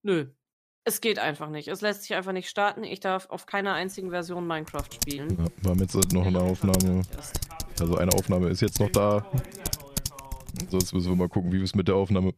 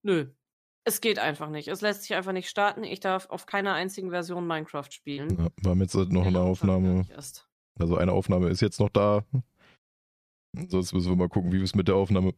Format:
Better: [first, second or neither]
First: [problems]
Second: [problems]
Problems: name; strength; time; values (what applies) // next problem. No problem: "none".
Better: second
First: keyboard typing; noticeable; from 5 to 11 s; peak 1 dB below the speech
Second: none